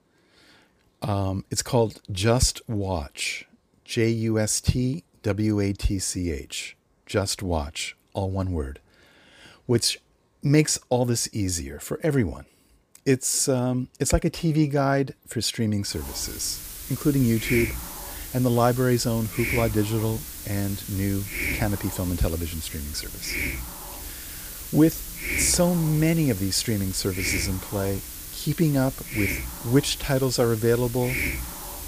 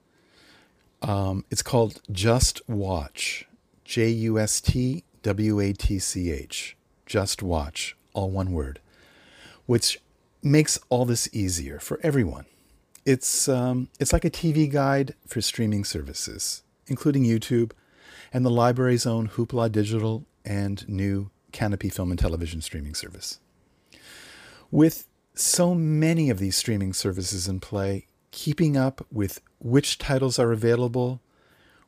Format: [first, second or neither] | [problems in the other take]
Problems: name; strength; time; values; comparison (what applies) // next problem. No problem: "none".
second | hiss; loud; from 16 s on; 7 dB below the speech